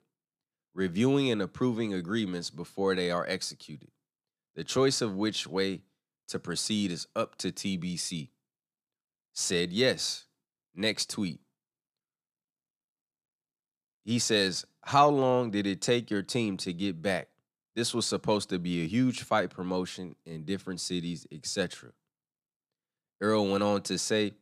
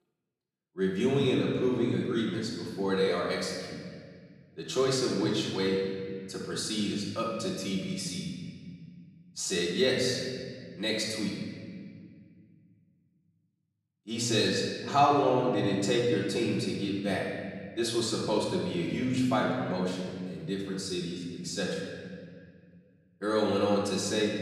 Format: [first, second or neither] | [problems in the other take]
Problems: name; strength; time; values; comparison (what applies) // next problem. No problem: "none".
first | off-mic speech; far // room echo; noticeable; dies away in 1.9 s